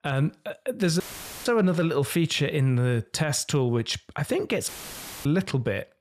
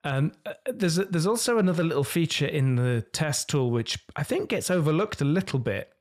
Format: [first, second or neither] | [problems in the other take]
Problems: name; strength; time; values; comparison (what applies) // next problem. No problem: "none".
second | audio cutting out; filled with static; at 1 s and at 4.5 s for 0.5 s